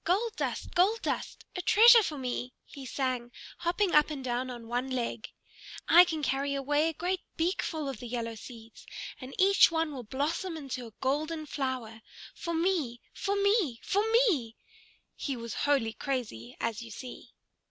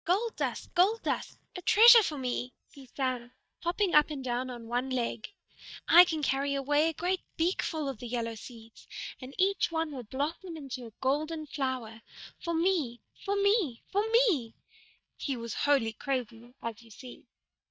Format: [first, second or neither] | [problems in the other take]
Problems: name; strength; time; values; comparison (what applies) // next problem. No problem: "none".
first | noise reduction (neural mask model DeepFilterNet 3)